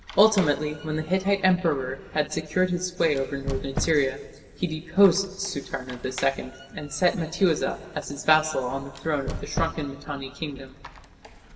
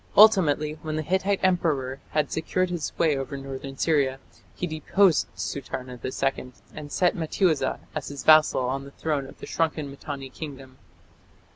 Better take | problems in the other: second | background sound (Squeak); 14 dB below the speech // room echo; dies away in 2.2 s

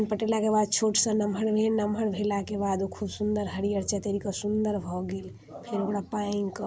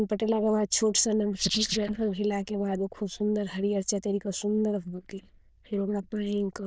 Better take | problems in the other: first | noise reduction (neural diffusion model UNIVERSE++)

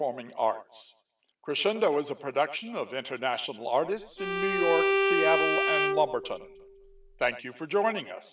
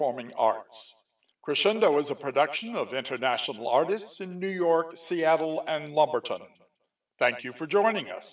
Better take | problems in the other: second | background sound (Bowed string instrument); 2 dB above the speech

